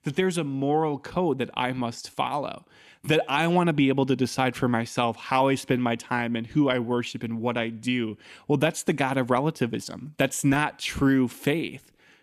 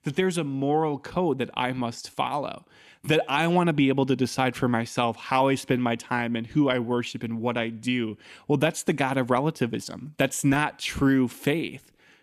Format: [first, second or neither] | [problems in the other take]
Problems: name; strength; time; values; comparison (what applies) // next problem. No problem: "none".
neither | none